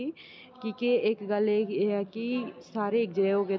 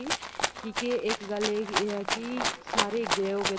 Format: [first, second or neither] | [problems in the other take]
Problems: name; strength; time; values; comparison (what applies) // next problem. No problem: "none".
first | background sound (Rattle (instrument)); as loud as the speech